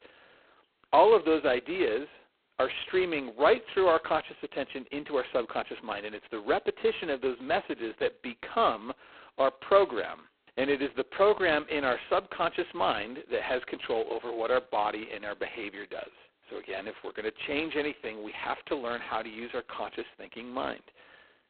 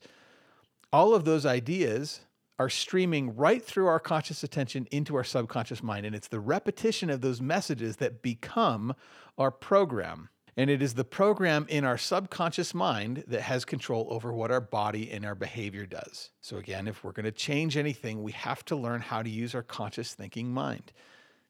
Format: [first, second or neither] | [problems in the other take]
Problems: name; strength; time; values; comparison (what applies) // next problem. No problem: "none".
second | phone-call audio; poor line; nothing above 4 kHz